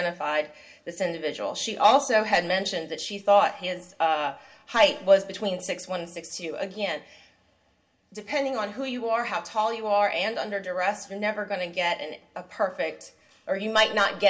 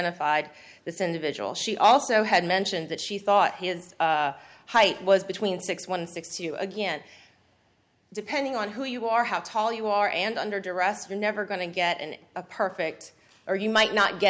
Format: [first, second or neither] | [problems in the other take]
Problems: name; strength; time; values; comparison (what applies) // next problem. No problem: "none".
second | room echo; dies away in 0.2 s